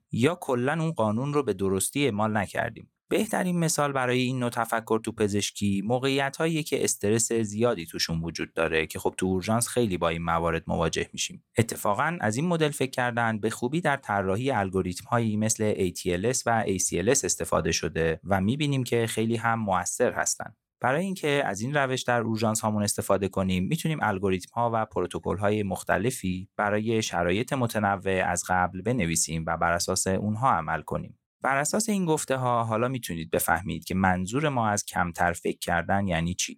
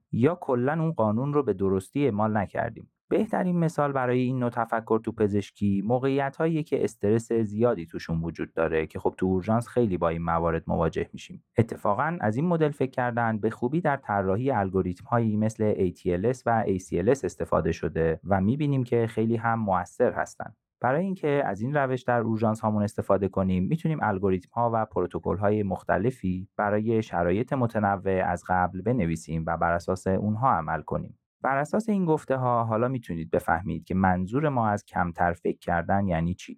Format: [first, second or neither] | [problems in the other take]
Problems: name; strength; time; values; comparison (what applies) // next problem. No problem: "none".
first | muffled; very; fading above 2.5 kHz